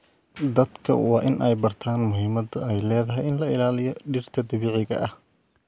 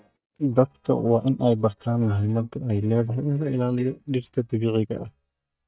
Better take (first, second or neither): first